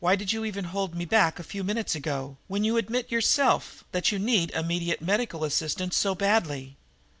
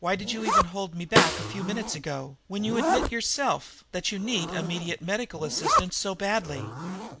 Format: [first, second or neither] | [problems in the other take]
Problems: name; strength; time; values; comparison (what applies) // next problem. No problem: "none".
first | background sound (Zipper (clothing) + Snare drum); as loud as the speech